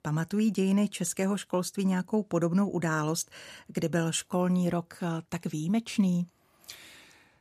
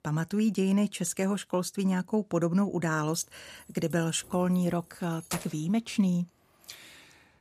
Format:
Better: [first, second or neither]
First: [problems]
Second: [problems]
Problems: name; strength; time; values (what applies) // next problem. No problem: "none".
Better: first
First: none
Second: jangling keys; noticeable; from 3 to 5.5 s; peak 9 dB below the speech